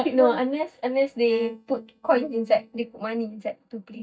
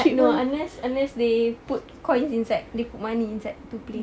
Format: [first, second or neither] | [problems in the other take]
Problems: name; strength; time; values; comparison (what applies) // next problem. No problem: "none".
second | noise reduction (neural mask model DeepFilterNet 3)